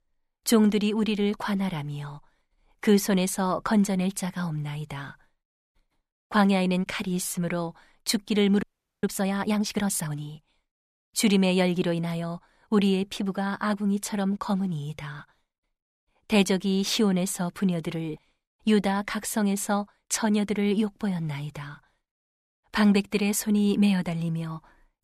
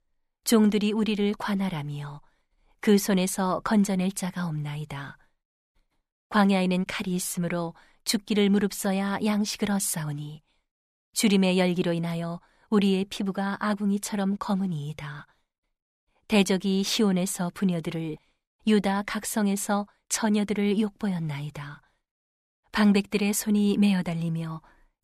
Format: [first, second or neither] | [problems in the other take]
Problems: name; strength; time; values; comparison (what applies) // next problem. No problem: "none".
second | audio freezing; at 8.5 s